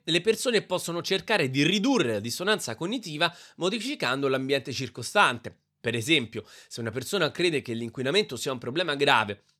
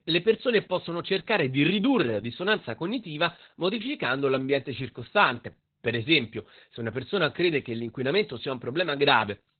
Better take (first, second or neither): first